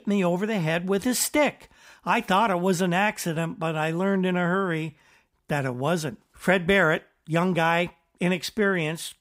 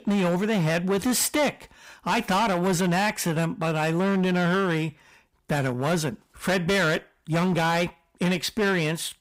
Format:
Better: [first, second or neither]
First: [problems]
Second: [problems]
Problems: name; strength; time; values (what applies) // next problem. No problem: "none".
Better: first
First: none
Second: distortion; heavy; 17% of the sound clipped